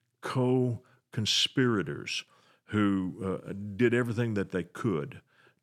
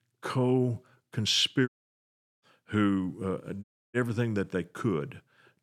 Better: first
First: none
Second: audio cutting out; at 1.5 s for 0.5 s and at 3.5 s

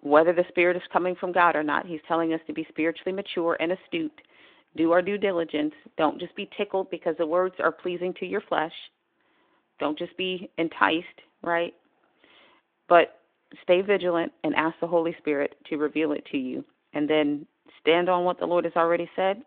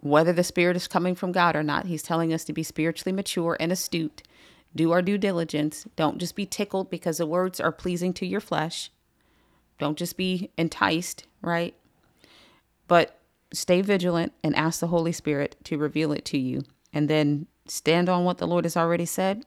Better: second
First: phone-call audio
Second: none

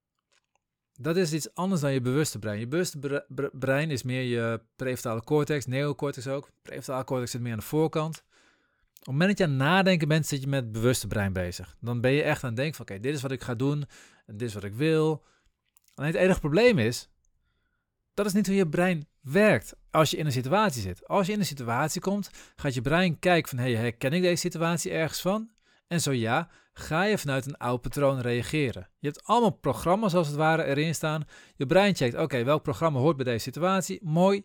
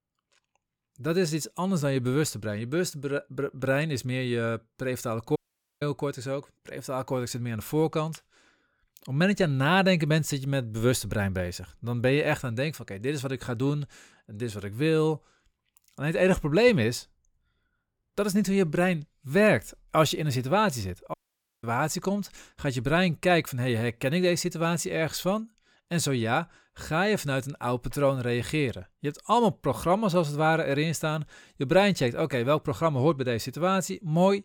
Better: first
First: none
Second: audio cutting out; at 5.5 s and at 21 s

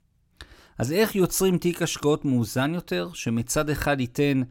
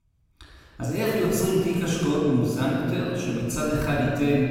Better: first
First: none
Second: off-mic speech; far // room echo; strong; dies away in 2.7 s

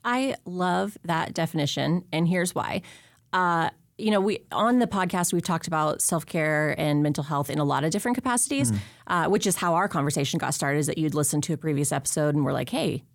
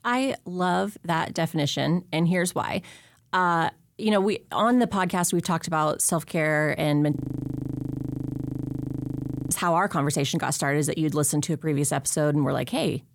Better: first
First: none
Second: audio freezing; at 7 s for 2.5 s

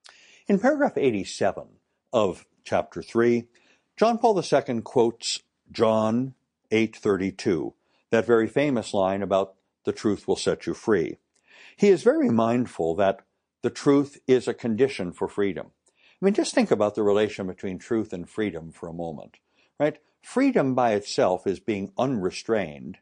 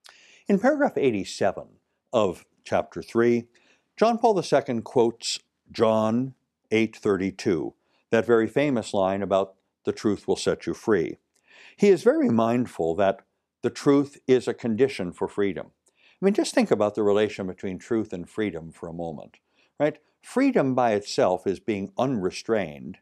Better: second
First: garbled, watery; slightly; nothing above 9 kHz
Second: none

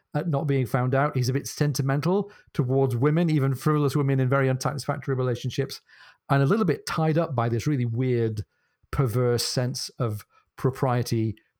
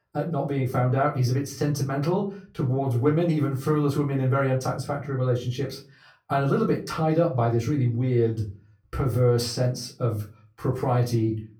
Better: first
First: none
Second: off-mic speech; far // room echo; very slight; dies away in 0.3 s

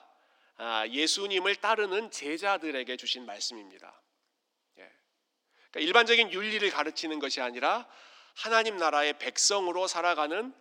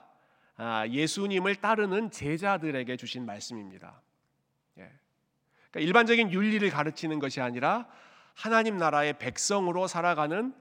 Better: second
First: thin; somewhat; fading below 300 Hz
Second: none

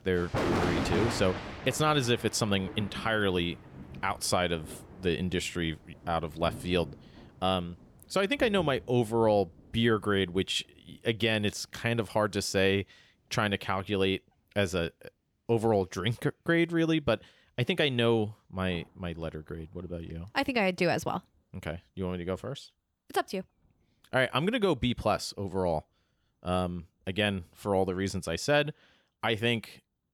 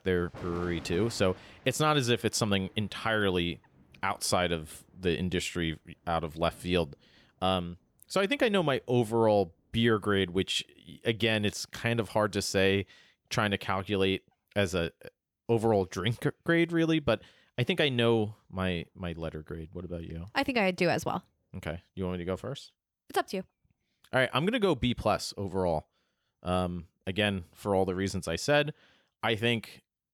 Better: second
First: rain or running water; loud; throughout; 9 dB below the speech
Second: rain or running water; faint; throughout; 25 dB below the speech

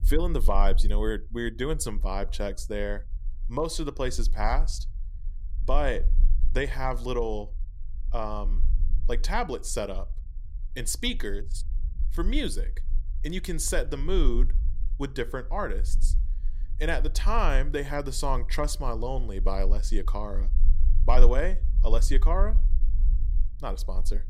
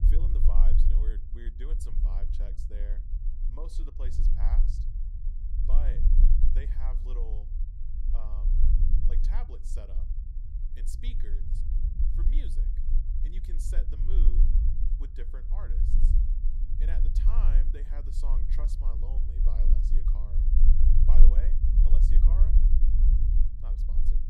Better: first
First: low rumble; faint; throughout; 25 dB below the speech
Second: low rumble; loud; throughout; 1 dB below the speech

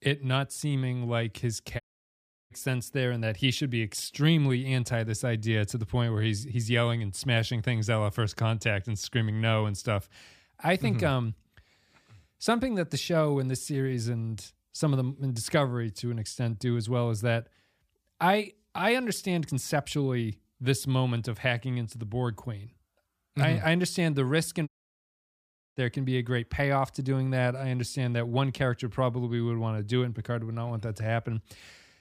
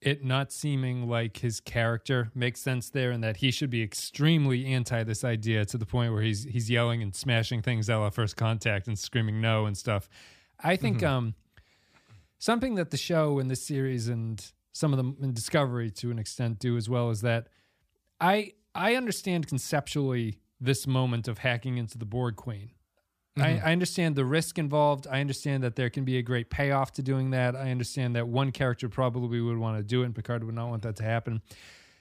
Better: second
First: audio cutting out; at 2 s for 0.5 s and at 25 s for 1 s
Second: none

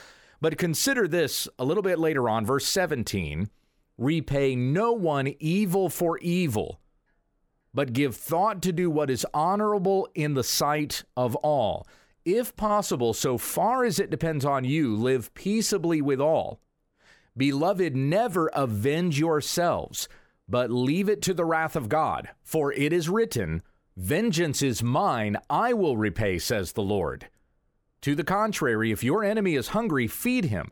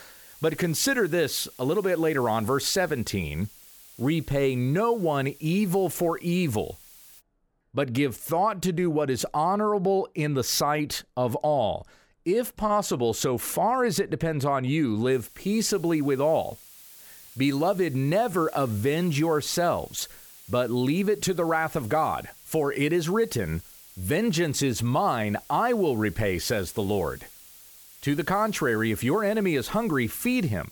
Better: first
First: none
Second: hiss; faint; until 7 s and from 15 s on; 20 dB below the speech

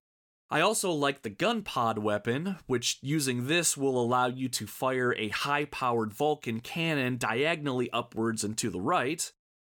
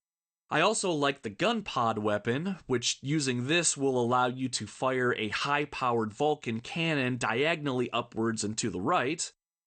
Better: first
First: none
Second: garbled, watery; slightly; nothing above 8.5 kHz

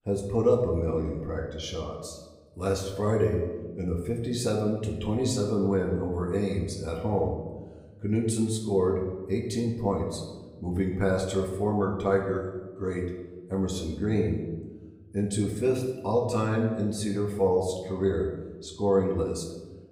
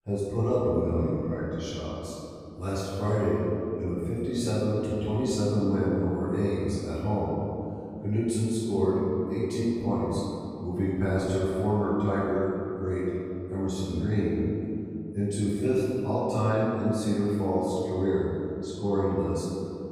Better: first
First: room echo; slight; dies away in 0.9 s // off-mic speech; somewhat distant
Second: room echo; strong; dies away in 2.7 s // off-mic speech; far

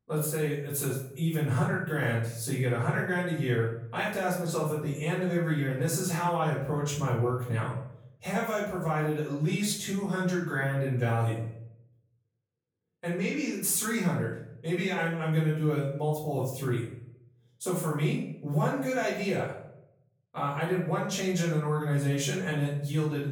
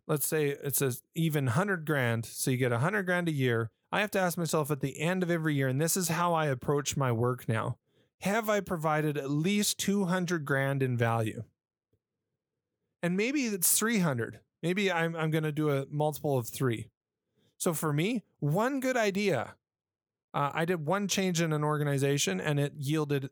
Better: second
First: off-mic speech; far // room echo; noticeable; dies away in 0.5 s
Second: none

